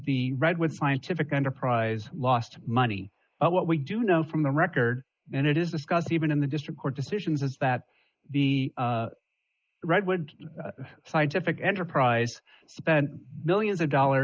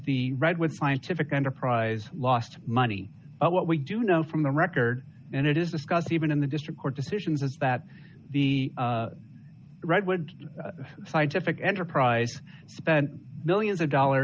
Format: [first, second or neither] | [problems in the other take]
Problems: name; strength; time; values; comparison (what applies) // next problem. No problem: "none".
second | noise reduction (neural mask model Resemble Enhance denoiser)